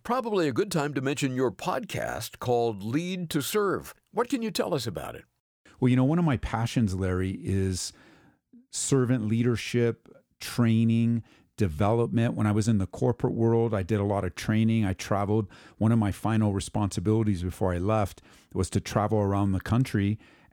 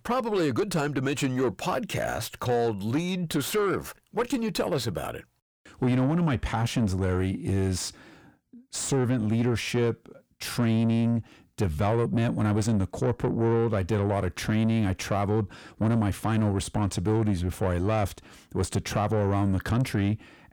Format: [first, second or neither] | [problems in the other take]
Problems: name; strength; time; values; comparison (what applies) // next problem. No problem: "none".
first | distortion; slight; 10 dB below the speech